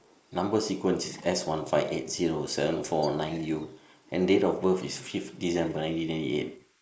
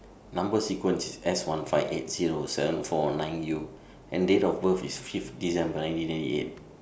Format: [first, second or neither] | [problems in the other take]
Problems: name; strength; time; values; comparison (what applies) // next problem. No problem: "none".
second | noise reduction (neural mask model Resemble Enhance denoiser)